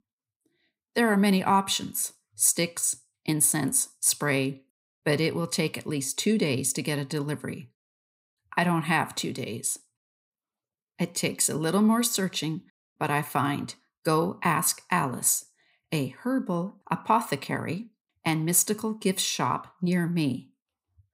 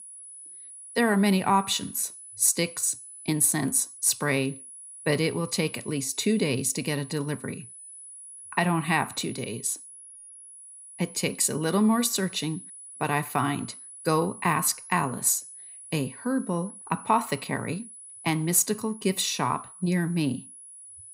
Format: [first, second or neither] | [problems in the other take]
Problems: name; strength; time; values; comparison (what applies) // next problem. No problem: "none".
first | high-pitched whine; noticeable; throughout; 10 kHz, 15 dB below the speech